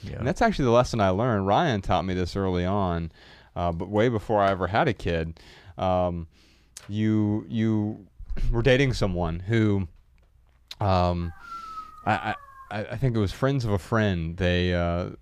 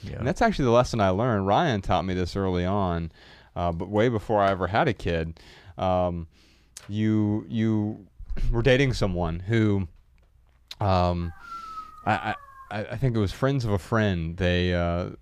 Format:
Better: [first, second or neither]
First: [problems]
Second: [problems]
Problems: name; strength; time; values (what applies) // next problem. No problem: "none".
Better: neither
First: dog barking; faint; from 11 to 13 s; peak 10 dB below the speech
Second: dog barking; faint; from 11 to 13 s; peak 10 dB below the speech